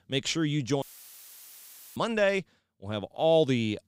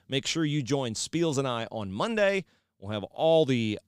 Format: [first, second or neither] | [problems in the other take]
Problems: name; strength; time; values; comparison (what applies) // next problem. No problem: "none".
second | audio cutting out; filled with static; at 1 s for 1 s